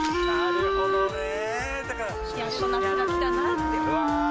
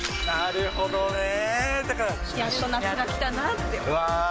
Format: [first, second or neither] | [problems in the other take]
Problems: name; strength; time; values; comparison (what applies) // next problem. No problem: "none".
second | background sound (Wind instrument, woodwind instrument); 5 dB above the speech